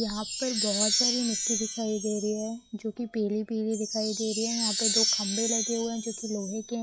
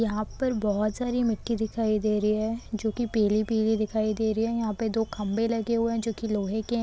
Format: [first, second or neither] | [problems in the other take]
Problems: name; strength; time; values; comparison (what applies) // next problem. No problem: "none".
second | noise reduction (classical method log-MMSE)